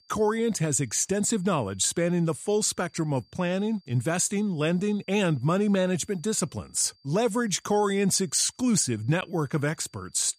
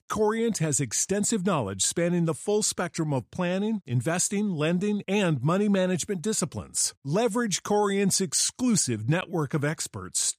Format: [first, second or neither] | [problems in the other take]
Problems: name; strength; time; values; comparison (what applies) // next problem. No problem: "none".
second | high-pitched whine; faint; throughout; 4.5 kHz, 35 dB below the speech